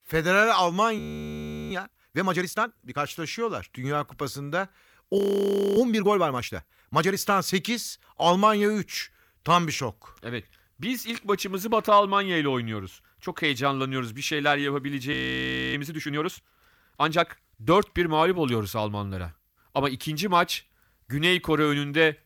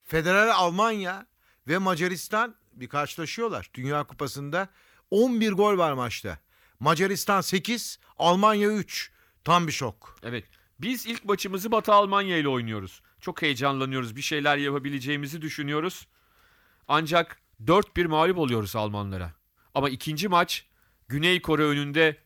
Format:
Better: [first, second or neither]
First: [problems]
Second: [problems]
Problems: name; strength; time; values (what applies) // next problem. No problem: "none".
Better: second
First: audio freezing; at 1 s for 0.5 s, at 5 s for 0.5 s and at 15 s for 0.5 s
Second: none